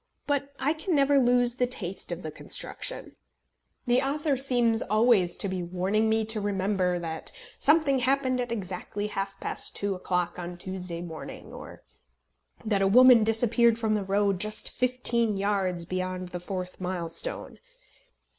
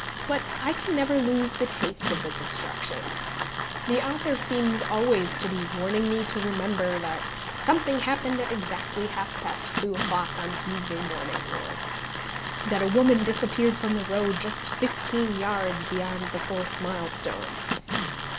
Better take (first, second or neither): first